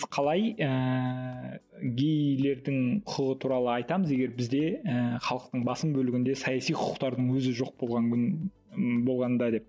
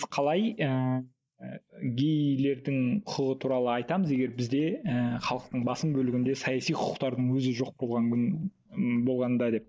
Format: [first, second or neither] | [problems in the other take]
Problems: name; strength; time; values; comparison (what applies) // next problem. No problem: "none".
first | noise reduction (neural mask model Resemble Enhance denoiser)